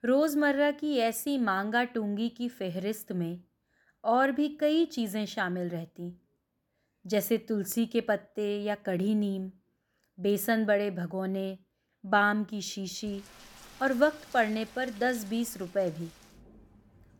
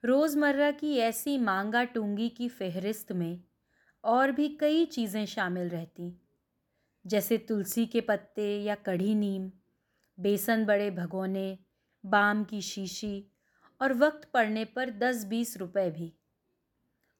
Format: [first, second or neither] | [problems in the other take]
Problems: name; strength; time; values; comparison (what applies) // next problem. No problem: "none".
second | rain or running water; faint; from 13 s on; 20 dB below the speech